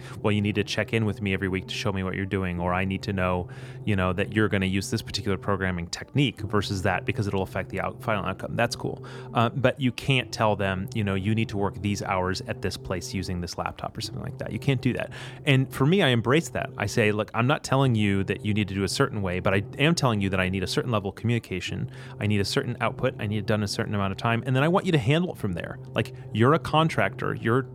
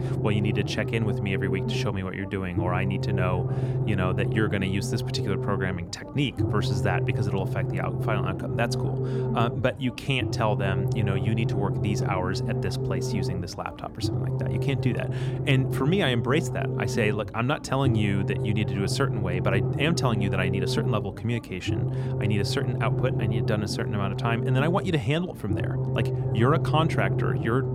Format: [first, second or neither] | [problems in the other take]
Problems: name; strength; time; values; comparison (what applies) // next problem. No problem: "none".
first | low rumble; loud; throughout; 6 dB below the speech; faint in the first